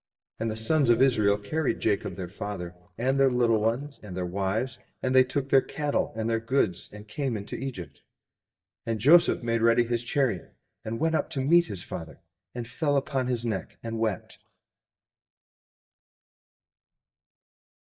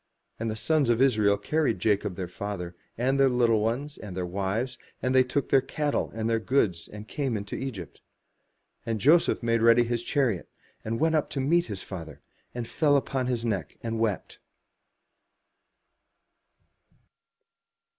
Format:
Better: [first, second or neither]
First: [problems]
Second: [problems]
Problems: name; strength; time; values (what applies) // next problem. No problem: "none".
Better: second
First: noise reduction (neural mask model DeepFilterNet 3)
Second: none